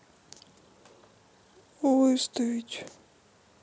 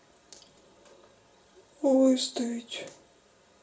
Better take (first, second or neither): first